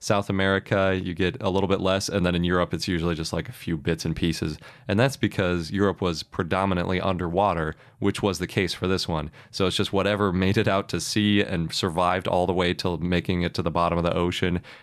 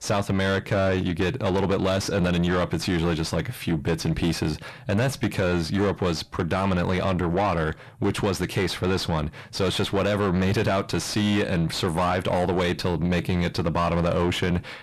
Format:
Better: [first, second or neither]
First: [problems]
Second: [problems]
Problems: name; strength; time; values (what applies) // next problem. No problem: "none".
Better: first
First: none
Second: distortion; heavy; 7 dB below the speech